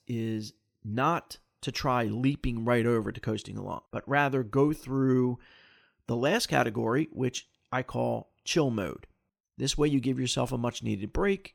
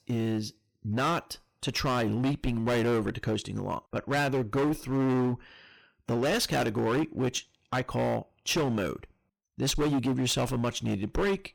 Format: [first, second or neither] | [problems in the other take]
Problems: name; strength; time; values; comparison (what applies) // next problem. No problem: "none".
first | distortion; heavy; 17% of the sound clipped